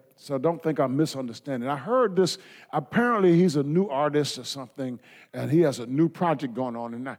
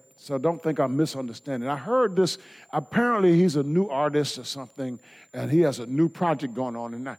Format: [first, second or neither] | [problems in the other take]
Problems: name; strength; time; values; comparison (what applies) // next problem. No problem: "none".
first | high-pitched whine; faint; throughout; 7 kHz, 35 dB below the speech